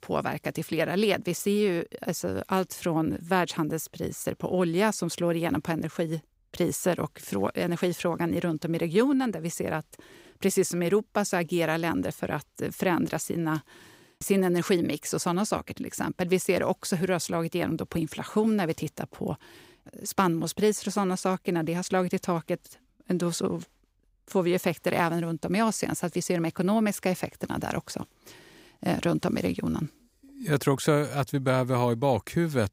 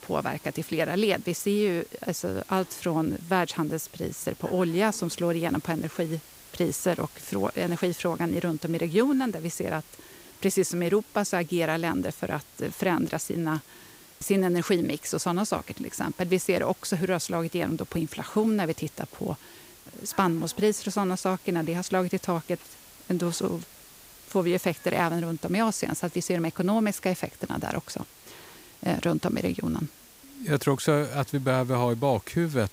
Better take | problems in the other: first | hiss; faint; throughout; 20 dB below the speech

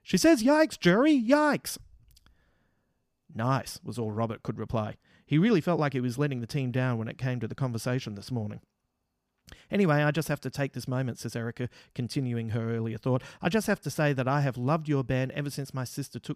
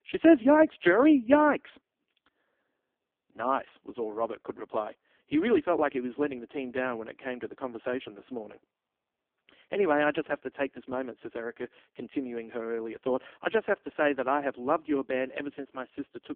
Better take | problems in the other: first | phone-call audio; poor line

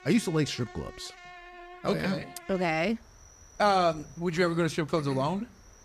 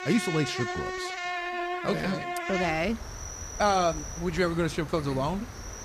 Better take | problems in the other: first | animal sounds; loud; throughout; 6 dB below the speech; faint in the first

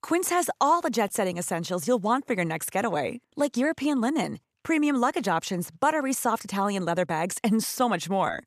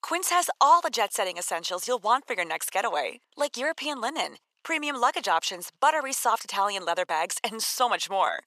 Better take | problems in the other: first | thin; very; fading below 700 Hz

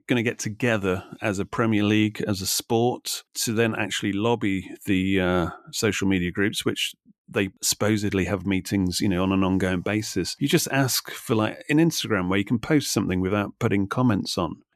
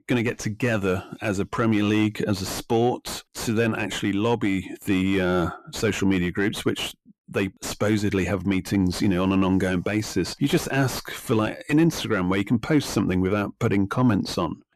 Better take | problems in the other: first | distortion; slight; 10 dB below the speech

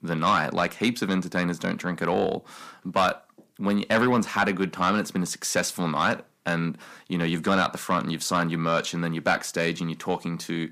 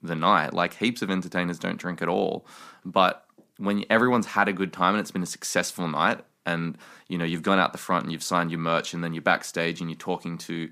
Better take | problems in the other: second | distortion; slight; 10 dB below the speech

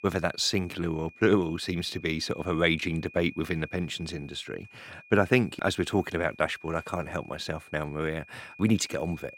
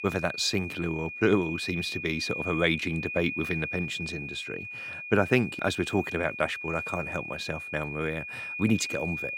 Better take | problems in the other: first | high-pitched whine; loud; throughout; 2.5 kHz, 6 dB below the speech; faint in the first

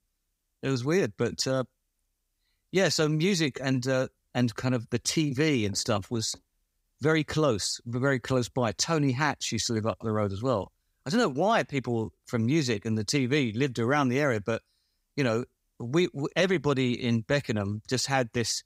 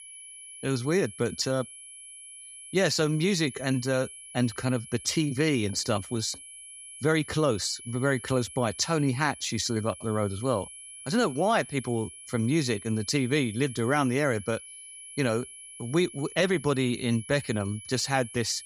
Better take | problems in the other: first | high-pitched whine; noticeable; throughout; 10.5 kHz, 15 dB below the speech

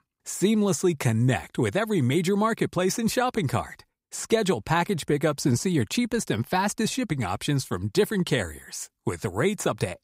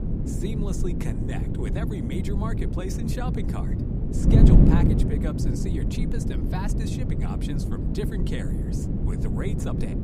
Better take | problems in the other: first | wind noise on the microphone; heavy; 3 dB above the speech

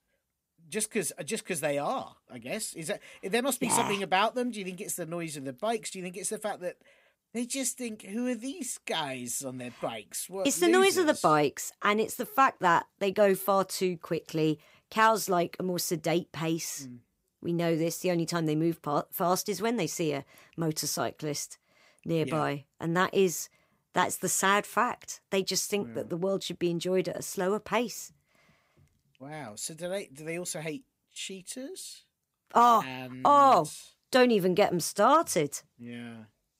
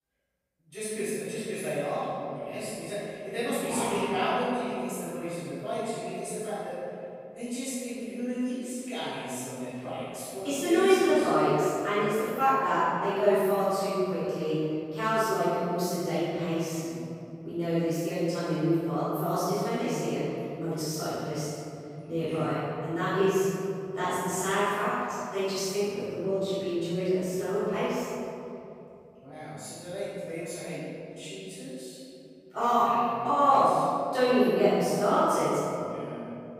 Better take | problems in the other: first | room echo; strong; dies away in 3 s // off-mic speech; far

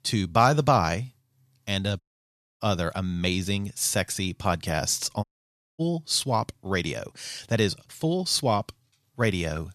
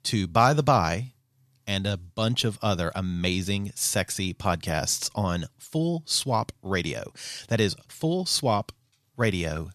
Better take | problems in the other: second | audio cutting out; at 2 s for 0.5 s and at 5 s for 0.5 s

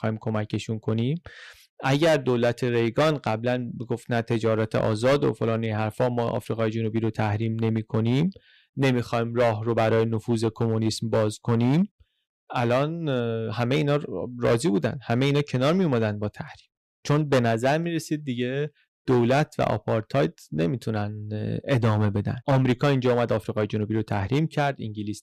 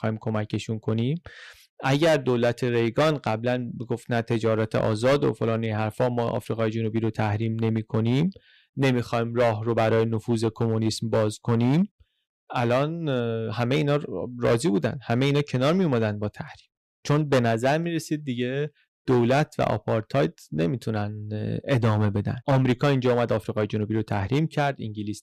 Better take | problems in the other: neither | distortion; slight; 6% of the sound clipped; the same in both

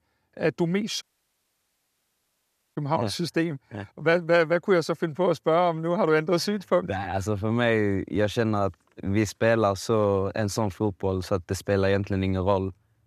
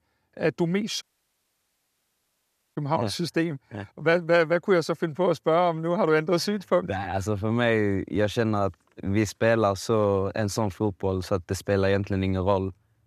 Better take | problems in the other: neither | audio cutting out; at 1 s for 1.5 s; the same in both

